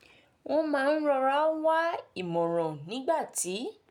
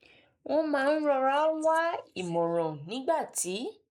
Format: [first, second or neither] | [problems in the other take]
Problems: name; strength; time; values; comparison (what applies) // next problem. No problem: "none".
first | noise reduction (neural mask model Resemble Enhance denoiser)